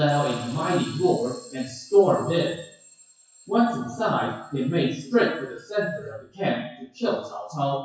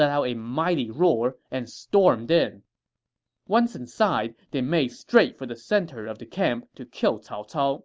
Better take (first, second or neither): second